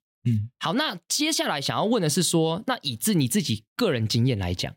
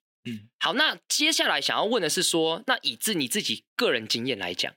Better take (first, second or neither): first